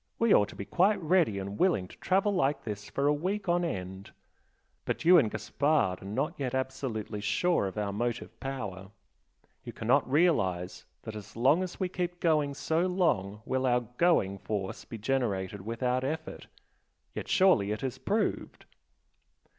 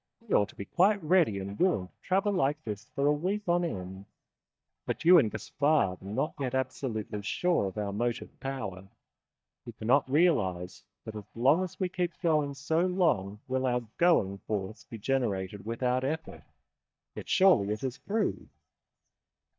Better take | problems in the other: first | noise reduction (neural mask model DeepFilterNet 3)

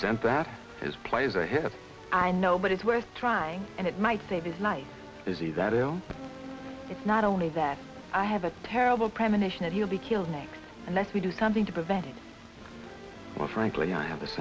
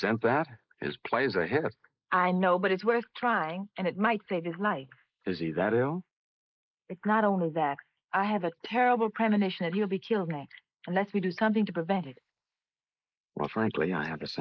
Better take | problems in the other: first | noise reduction (neural mask model Resemble Enhance denoiser)

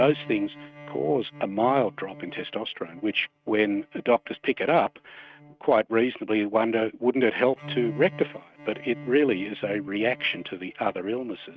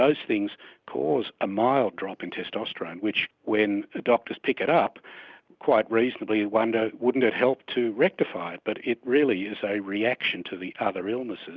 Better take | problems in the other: second | noise reduction (neural mask model RNNoise)

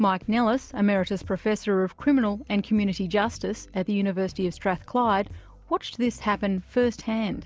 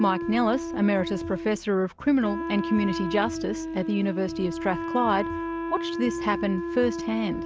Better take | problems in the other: first | background sound (Wind instrument, woodwind instrument); 6 dB below the speech

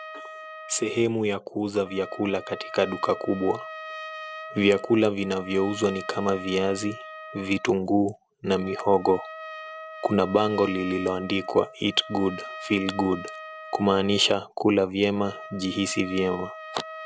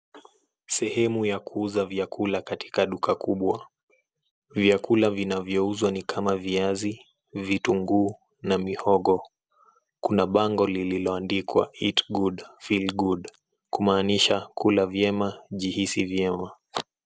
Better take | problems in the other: second | background sound (Trumpet); 14 dB below the speech

